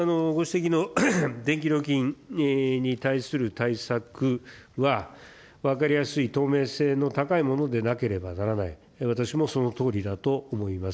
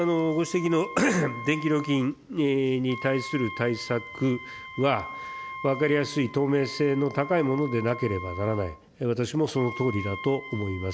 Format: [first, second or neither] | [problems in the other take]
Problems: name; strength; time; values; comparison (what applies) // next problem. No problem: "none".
first | background sound (Wind instrument, woodwind instrument); 13 dB below the speech